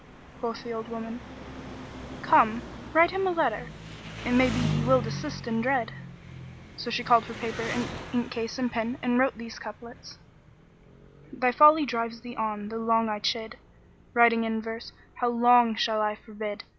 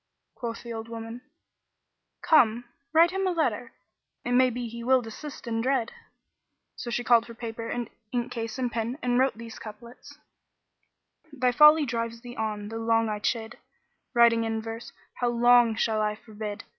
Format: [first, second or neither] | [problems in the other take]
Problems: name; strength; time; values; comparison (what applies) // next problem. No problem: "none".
second | background sound (Engine); 12 dB below the speech